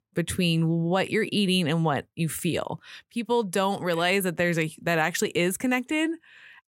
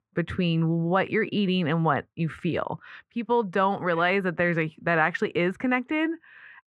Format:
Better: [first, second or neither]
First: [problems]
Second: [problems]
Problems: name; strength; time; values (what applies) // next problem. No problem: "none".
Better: first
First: none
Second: muffled; very; fading above 2 kHz